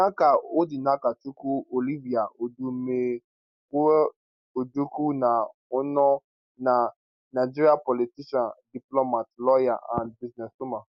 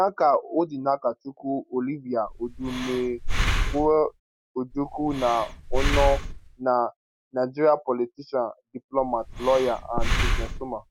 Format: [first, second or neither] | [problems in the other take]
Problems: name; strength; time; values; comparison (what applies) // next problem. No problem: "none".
first | background sound (Breathing); 1 dB below the speech